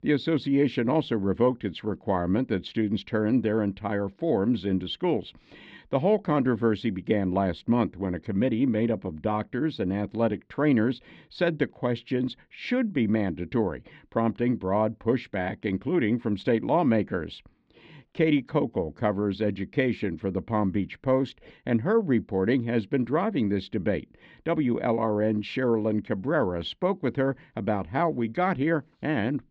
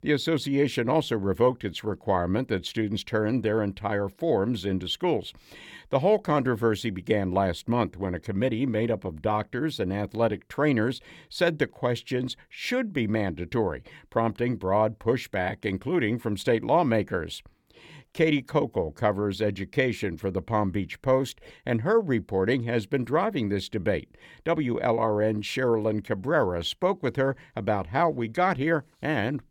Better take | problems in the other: second | muffled; very slightly; fading above 4 kHz

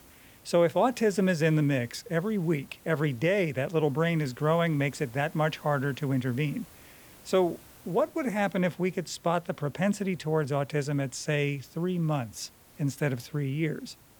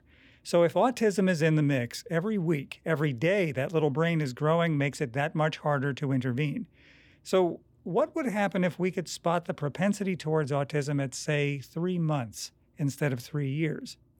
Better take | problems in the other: second | hiss; faint; throughout; 25 dB below the speech

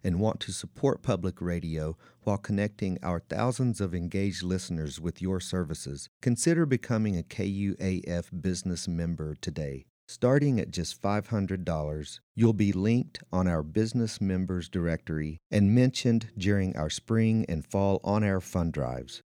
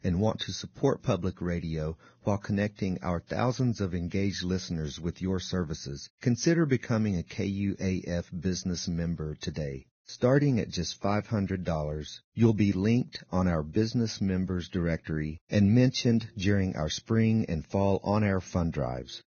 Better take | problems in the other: first | garbled, watery; badly; nothing above 6.5 kHz

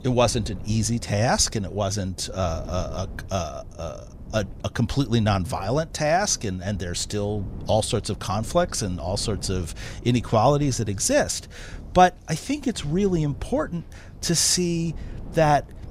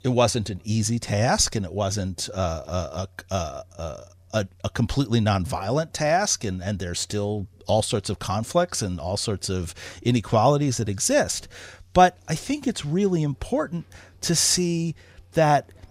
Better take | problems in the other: second | wind noise on the microphone; occasional gusts; 25 dB below the speech

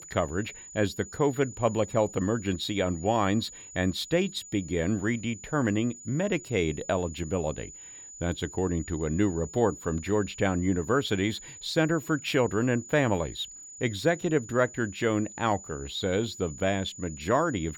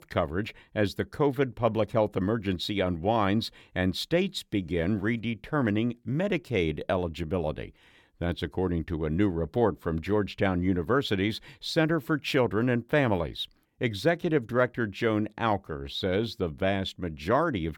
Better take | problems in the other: second | high-pitched whine; noticeable; throughout; 7 kHz, 15 dB below the speech

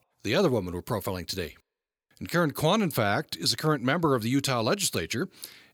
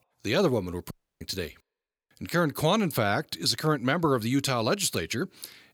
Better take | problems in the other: first | audio cutting out; at 1 s

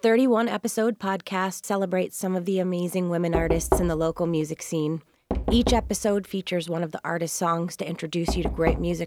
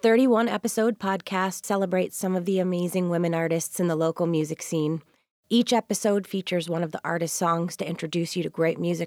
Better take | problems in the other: second | door banging; loud; from 3.5 s on; peak level with the speech

